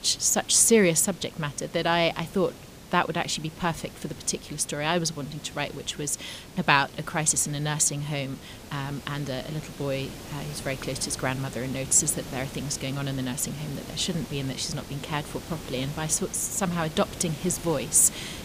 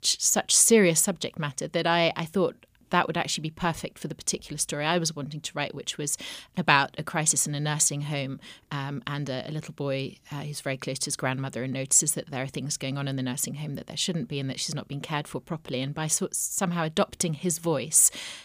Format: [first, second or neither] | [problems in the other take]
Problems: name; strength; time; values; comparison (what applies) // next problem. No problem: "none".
second | hiss; noticeable; throughout; 15 dB below the speech